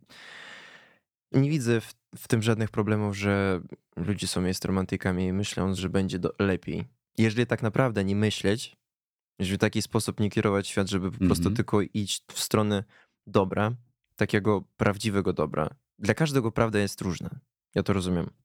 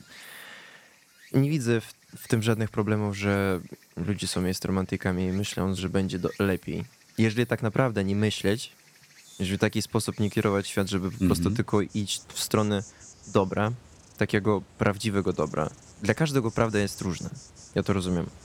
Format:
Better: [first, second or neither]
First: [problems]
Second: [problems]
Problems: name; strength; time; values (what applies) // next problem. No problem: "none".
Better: first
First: none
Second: animal sounds; faint; throughout; 20 dB below the speech